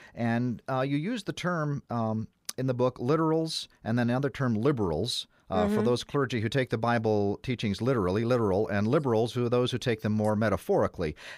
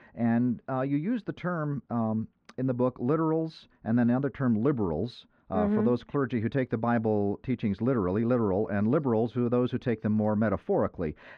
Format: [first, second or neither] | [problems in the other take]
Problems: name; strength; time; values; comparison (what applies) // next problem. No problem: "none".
first | muffled; very; fading above 2 kHz